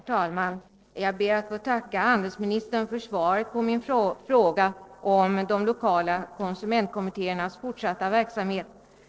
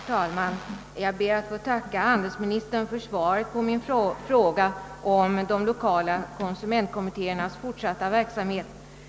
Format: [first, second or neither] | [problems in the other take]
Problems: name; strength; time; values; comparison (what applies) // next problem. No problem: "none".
second | noise reduction (neural separator model SepFormer DNS4)